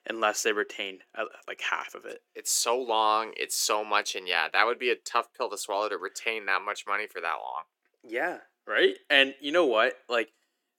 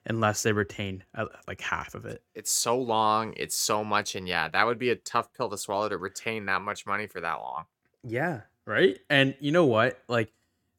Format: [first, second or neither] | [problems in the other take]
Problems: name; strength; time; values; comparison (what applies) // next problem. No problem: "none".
second | thin; somewhat; fading below 350 Hz